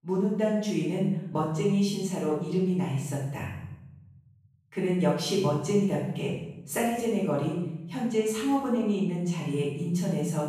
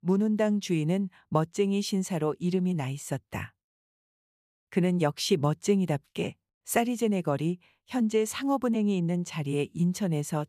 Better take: second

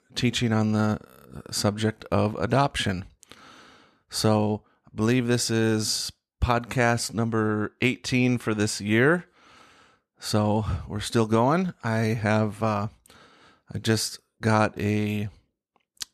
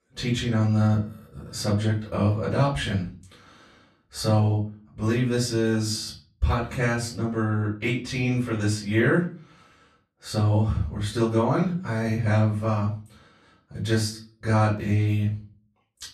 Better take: first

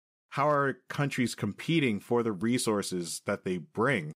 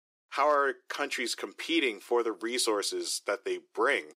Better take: first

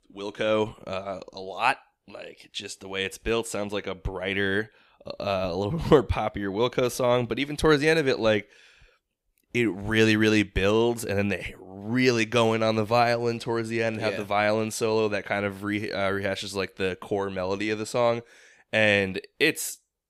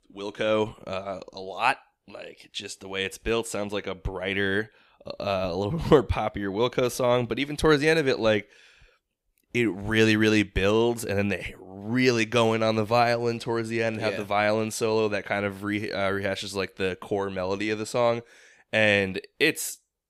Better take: neither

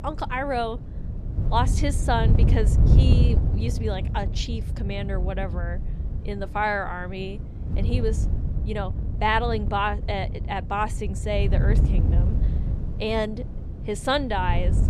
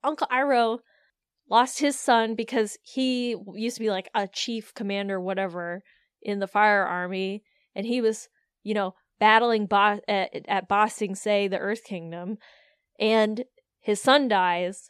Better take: second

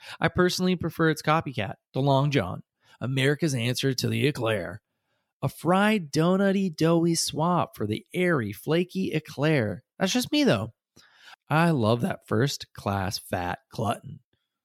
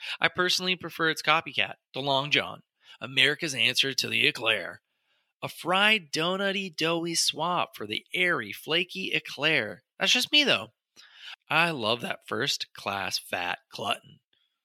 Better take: first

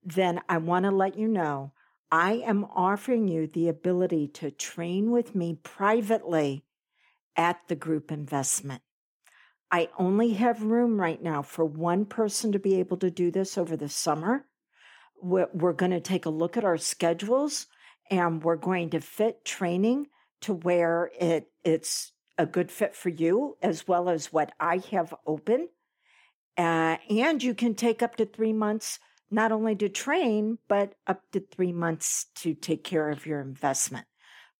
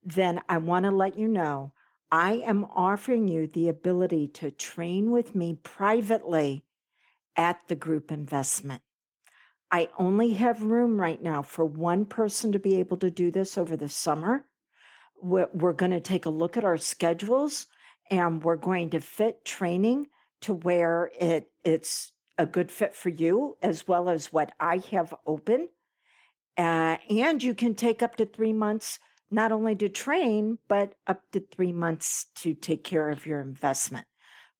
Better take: first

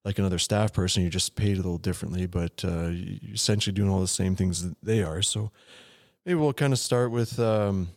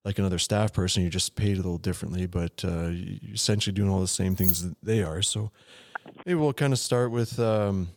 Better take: first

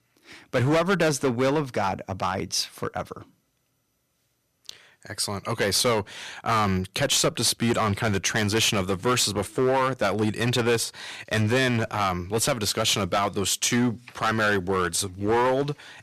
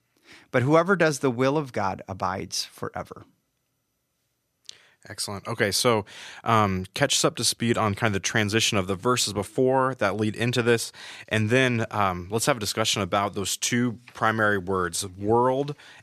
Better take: second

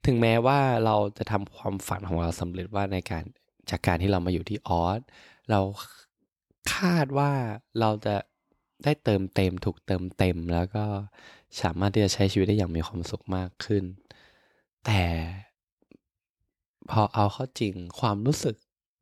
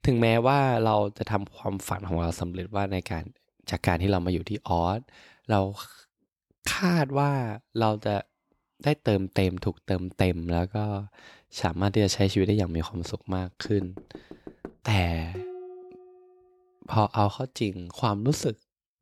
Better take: first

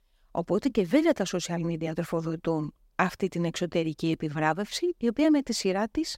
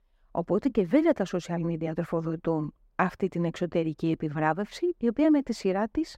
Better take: first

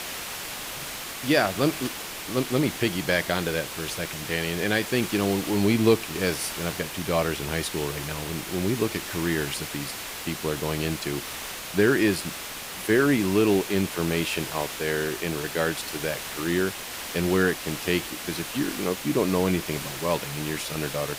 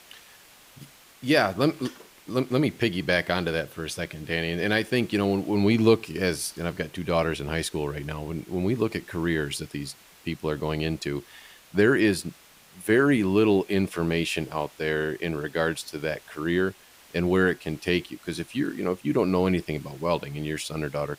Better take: second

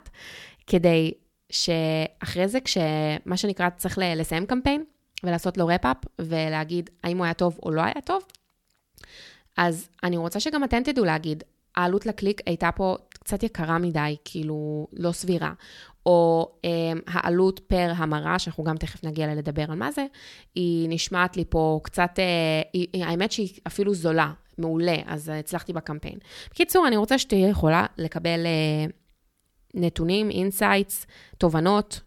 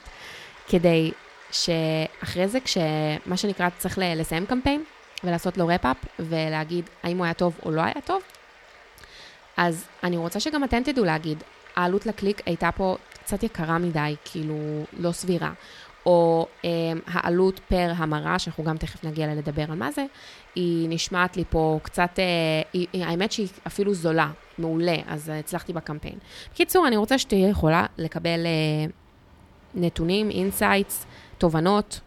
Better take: first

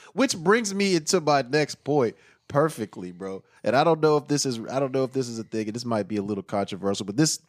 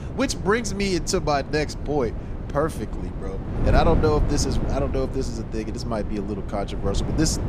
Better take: first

